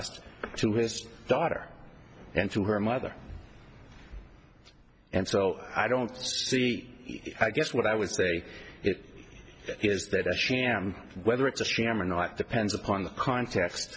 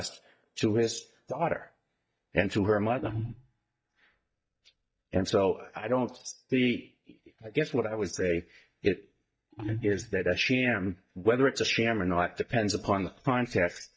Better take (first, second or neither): first